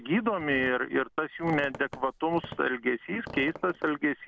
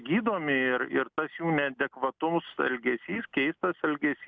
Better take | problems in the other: second | background sound (Squeak); 17 dB below the speech

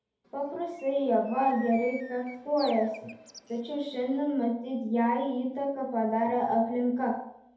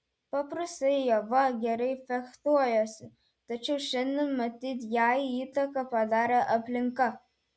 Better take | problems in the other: second | background sound (Bird); 19 dB below the speech // room echo; dies away in 2.1 s

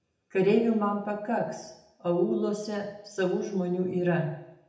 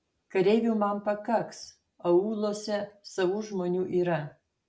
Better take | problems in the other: second | room echo; dies away in 0.7 s

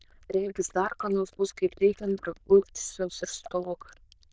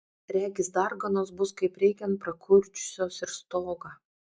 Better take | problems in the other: second | noise reduction (neural diffusion model UNIVERSE++)

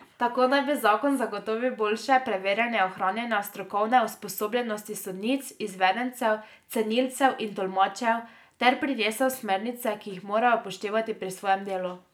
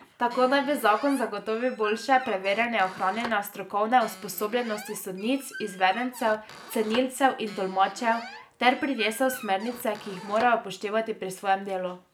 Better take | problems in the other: first | background sound (Squeak); 16 dB below the speech

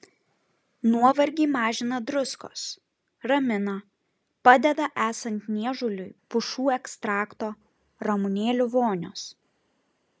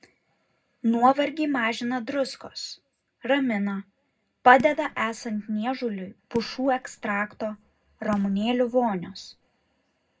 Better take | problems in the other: first | background sound (Fireworks); 19 dB below the speech // room echo; dies away in 0.3 s

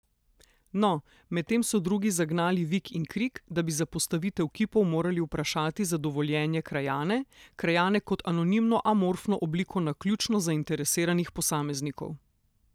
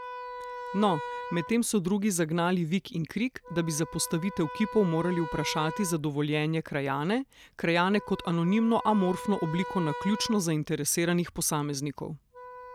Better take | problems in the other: first | background sound (Wind instrument, woodwind instrument); 13 dB below the speech

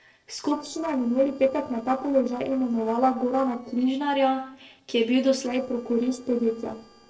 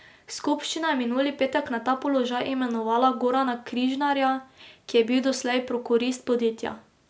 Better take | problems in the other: second | noise reduction (neural separator model SepFormer DNS4)

